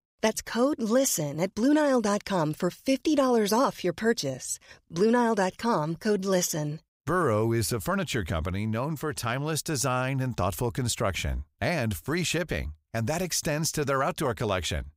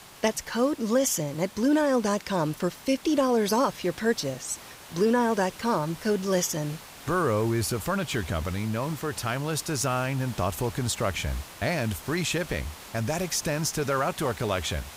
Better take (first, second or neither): first